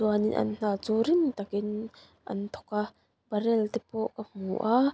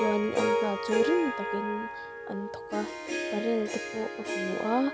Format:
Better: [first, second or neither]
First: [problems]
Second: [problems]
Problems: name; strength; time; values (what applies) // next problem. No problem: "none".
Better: first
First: none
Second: background sound (Harp); 1 dB below the speech